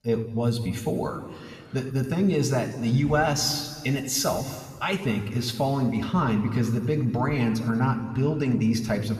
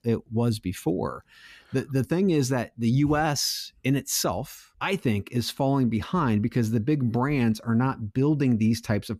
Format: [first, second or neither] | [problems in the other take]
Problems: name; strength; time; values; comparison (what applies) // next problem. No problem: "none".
second | room echo; noticeable; dies away in 1.6 s